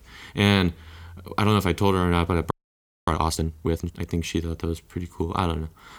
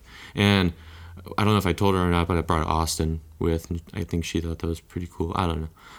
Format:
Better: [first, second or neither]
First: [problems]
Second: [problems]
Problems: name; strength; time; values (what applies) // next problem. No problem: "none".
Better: second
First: audio freezing; at 2.5 s for 0.5 s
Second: none